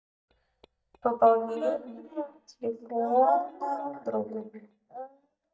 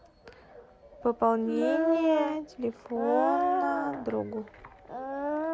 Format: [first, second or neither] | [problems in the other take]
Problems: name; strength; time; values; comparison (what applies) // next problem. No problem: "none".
second | noise reduction (neural mask model DeepFilterNet 3)